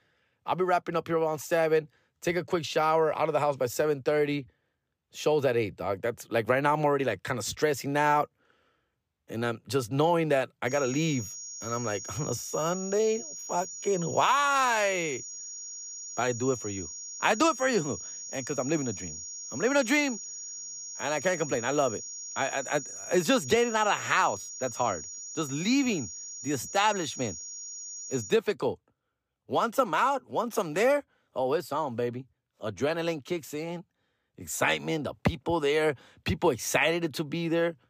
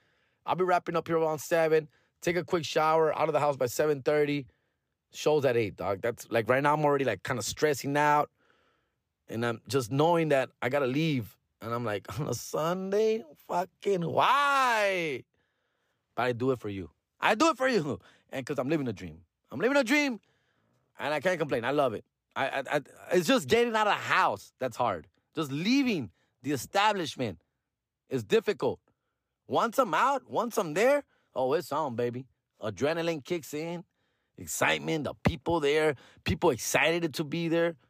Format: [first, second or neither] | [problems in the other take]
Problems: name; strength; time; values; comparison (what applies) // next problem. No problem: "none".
second | high-pitched whine; loud; from 11 to 28 s; 6.5 kHz, 9 dB below the speech